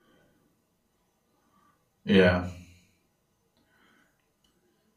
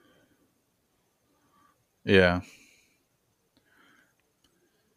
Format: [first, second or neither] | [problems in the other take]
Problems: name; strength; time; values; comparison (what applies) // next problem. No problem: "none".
second | off-mic speech; somewhat distant // room echo; slight; dies away in 0.3 s